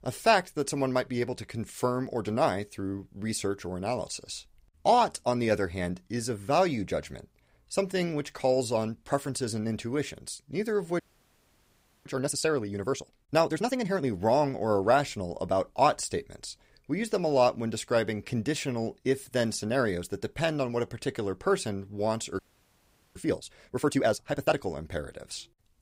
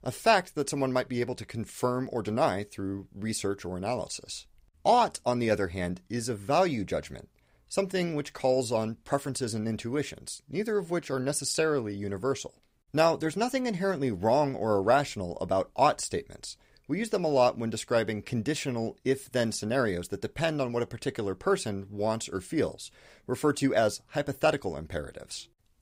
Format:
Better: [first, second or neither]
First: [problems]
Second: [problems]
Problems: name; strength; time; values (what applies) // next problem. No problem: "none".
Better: second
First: audio freezing; at 11 s for 1 s and at 22 s for 1 s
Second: none